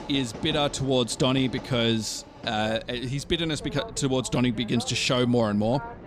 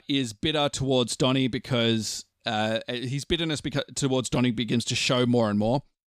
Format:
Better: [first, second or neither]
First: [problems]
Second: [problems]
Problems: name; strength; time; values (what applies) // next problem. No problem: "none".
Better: second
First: train or aircraft noise; noticeable; throughout; 15 dB below the speech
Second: none